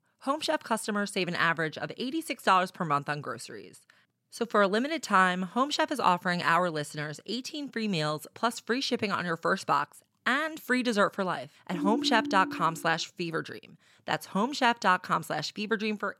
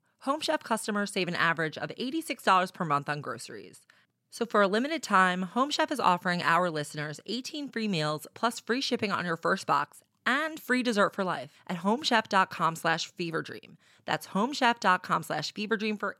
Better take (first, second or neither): second